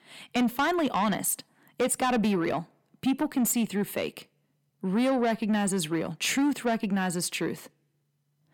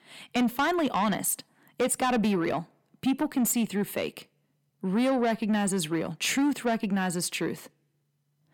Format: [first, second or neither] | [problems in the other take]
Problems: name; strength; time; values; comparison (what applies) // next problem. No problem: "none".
neither | distortion; slight; 10 dB below the speech; the same in both